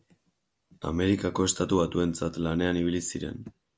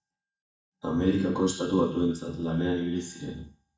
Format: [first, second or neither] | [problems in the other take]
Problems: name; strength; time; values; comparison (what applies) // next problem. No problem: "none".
first | noise reduction (neural mask model DeepFilterNet 3)